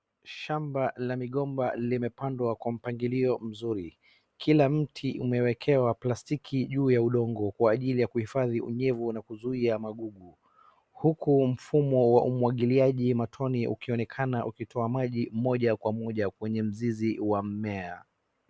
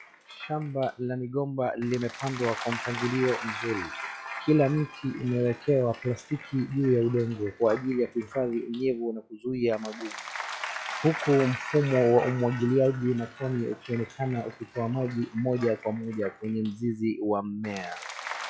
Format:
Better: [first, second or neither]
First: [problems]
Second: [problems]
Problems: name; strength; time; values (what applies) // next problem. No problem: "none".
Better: first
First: none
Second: noise reduction (classical method log-MMSE)